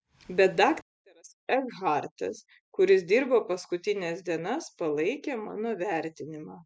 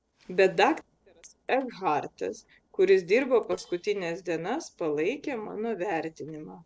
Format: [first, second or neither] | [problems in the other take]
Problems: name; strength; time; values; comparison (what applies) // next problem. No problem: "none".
first | noise reduction (neural separator model SepFormer DNS4)